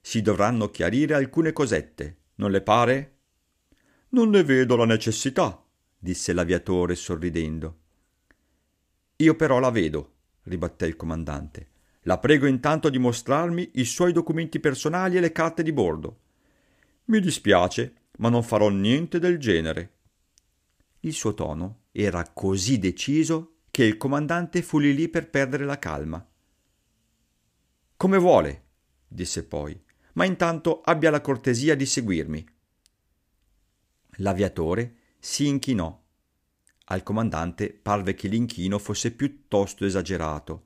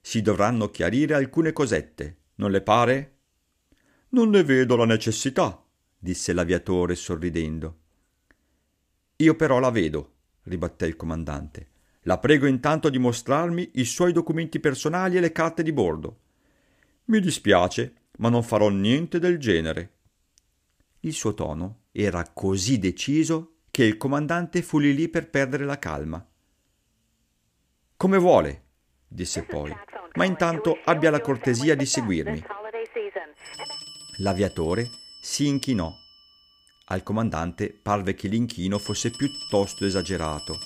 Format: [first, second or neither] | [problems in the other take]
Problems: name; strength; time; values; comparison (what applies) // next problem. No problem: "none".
first | alarms or sirens; noticeable; from 28 s on; 15 dB below the speech